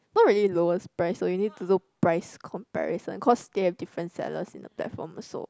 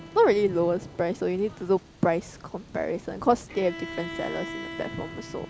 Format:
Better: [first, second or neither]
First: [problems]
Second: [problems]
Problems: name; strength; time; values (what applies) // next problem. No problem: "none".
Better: first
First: none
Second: background sound (Bowed string instrument + Thunder); 13 dB below the speech